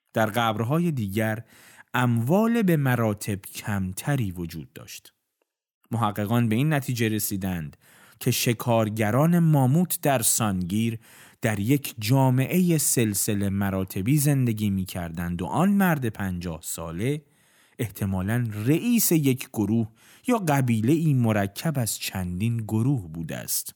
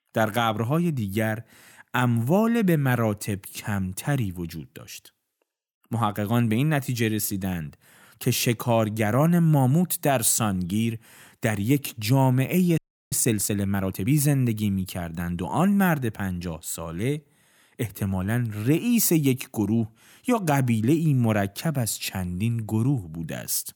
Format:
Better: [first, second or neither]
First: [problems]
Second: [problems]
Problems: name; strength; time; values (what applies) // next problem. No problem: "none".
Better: first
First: none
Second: audio freezing; at 13 s